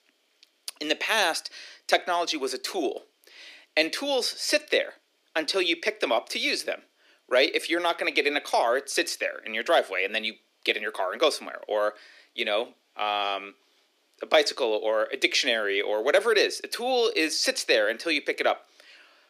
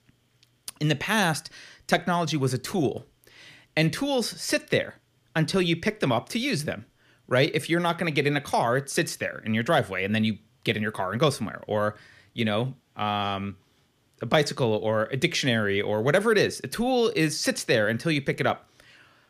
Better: second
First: thin; very; fading below 300 Hz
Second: none

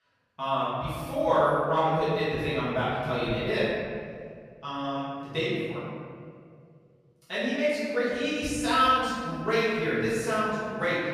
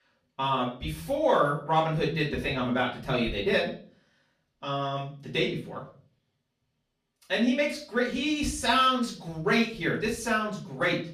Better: second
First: room echo; strong; dies away in 2 s // off-mic speech; far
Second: room echo; slight; dies away in 0.4 s // off-mic speech; far

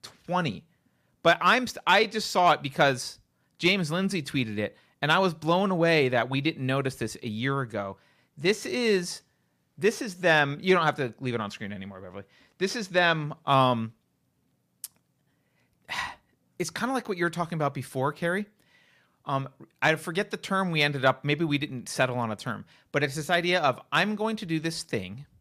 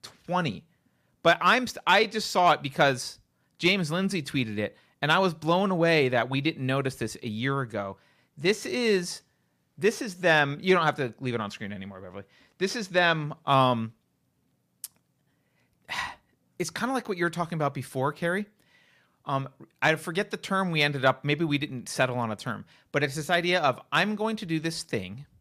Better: neither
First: none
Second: none

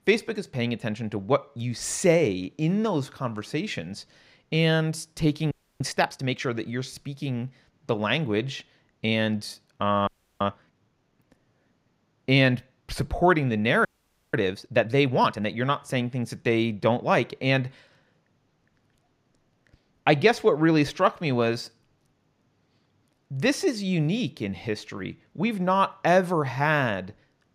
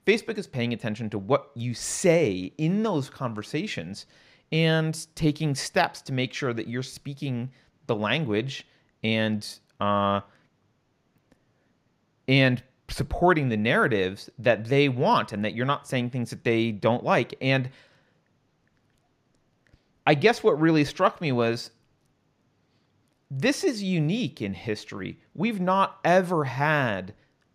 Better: second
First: audio freezing; at 5.5 s, at 10 s and at 14 s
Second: none

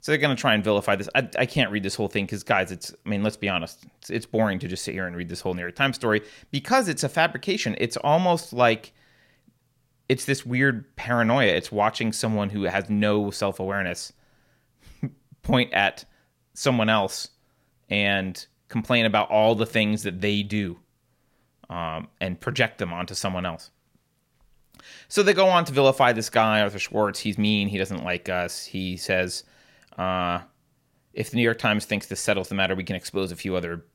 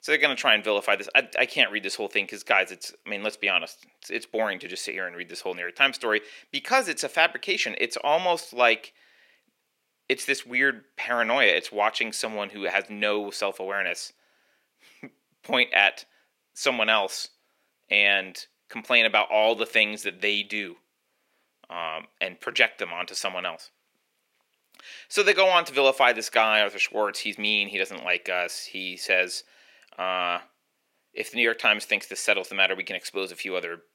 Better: first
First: none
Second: thin; somewhat; fading below 350 Hz

